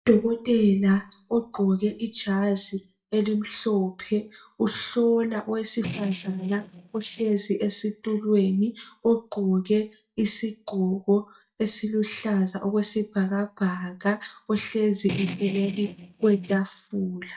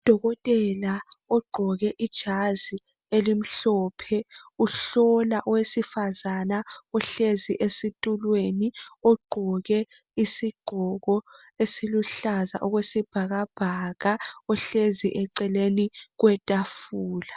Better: second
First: noise reduction (neural mask model DeepFilterNet 3)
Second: none

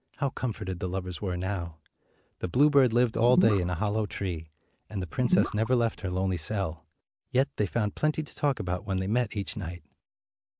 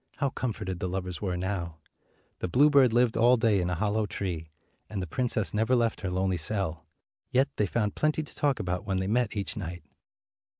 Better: second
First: background sound (Gurgling / Liquid); 4 dB below the speech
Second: none

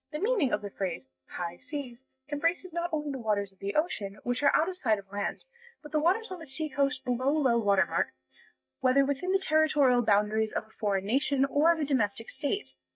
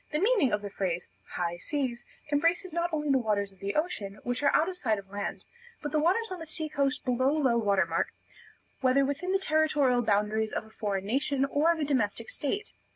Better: second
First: noise reduction (neural mask model DeepFilterNet 3)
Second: none

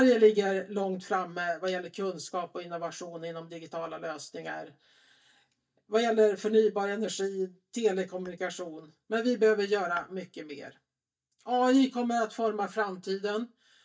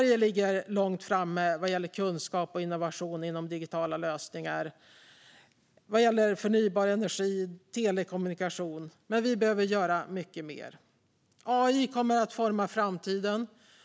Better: second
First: noise reduction (neural mask model DeepFilterNet 3)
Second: none

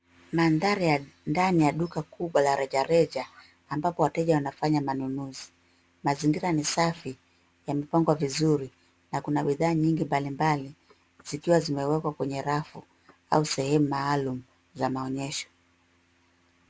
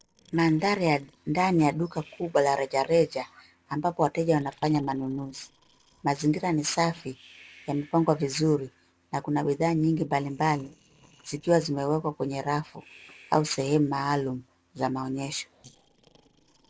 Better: first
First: none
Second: noise reduction (neural separator model SepFormer DNS4)

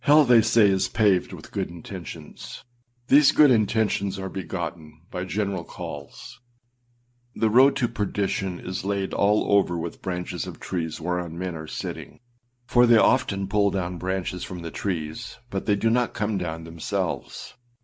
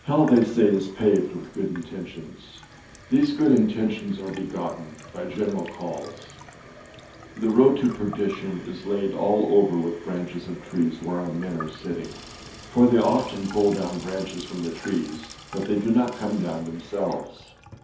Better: first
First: none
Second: background sound (Sink (filling or washing) / Water tap, faucet); 19 dB below the speech // room echo; dies away in 0.5 s

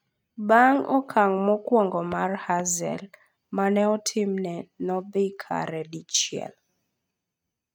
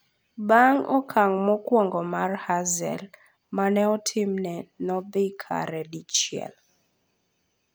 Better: second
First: noise reduction (neural mask model RNNoise)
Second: none

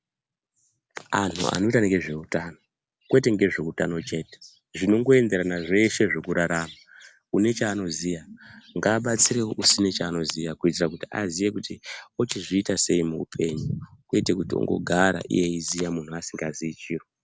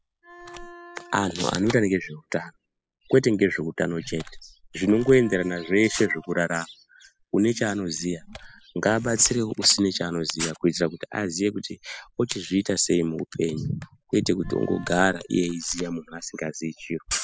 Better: first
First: none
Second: noise reduction (classical method spectral subtraction)

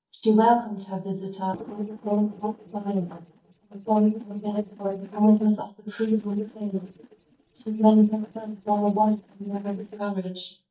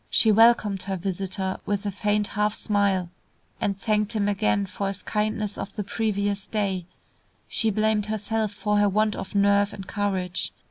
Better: second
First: noise reduction (neural mask model DeepFilterNet 3)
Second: none

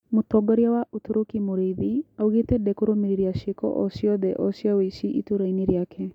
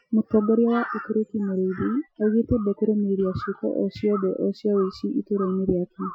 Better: first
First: none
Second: noise reduction (classical method Wiener filter)

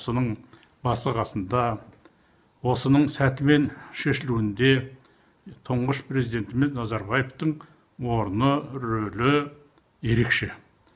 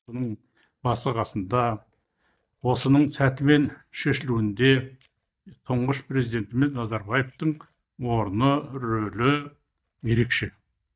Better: first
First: none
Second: noise reduction (neural mask model DeepFilterNet 3)

